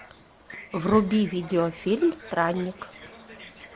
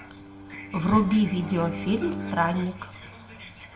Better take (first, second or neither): first